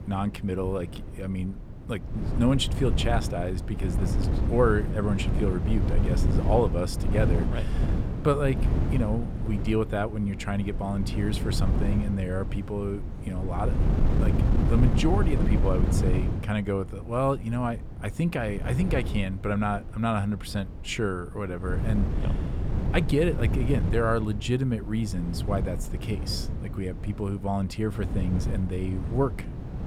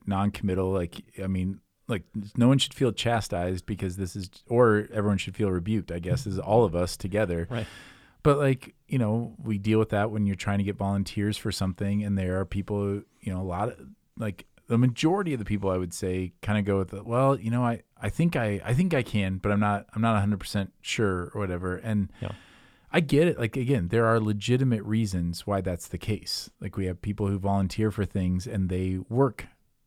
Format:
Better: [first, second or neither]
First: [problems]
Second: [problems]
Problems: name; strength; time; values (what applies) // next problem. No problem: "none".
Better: second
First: wind noise on the microphone; heavy; 8 dB below the speech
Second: none